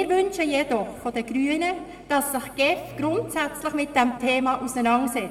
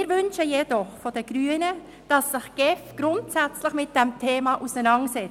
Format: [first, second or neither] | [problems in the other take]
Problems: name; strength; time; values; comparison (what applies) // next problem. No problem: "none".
second | room echo; dies away in 1.5 s